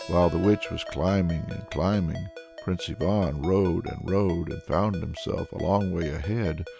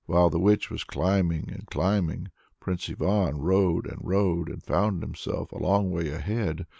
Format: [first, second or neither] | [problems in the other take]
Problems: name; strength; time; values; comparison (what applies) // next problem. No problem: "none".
second | background sound (Ringtone + Keyboard (musical)); 16 dB below the speech